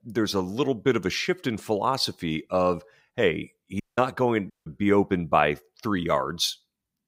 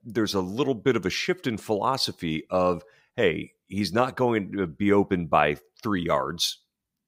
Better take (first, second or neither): second